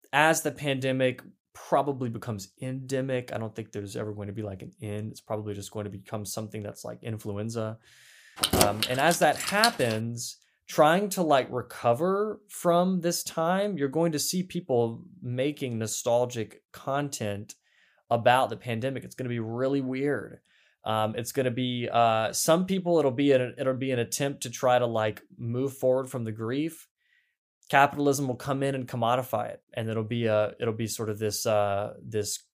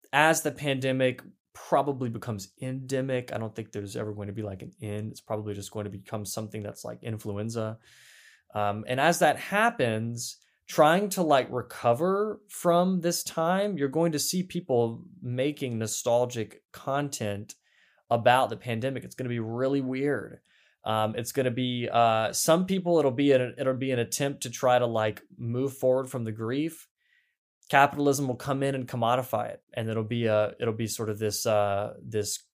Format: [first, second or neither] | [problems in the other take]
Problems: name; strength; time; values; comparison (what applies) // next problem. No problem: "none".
second | jangling keys; loud; from 8.5 to 9.5 s; peak 4 dB above the speech